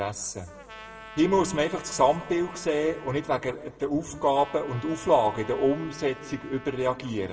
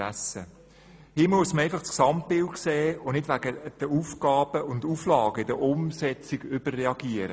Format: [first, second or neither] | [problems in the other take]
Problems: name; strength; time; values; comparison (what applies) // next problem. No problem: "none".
second | background sound (Trumpet); 19 dB below the speech // room echo; dies away in 1 s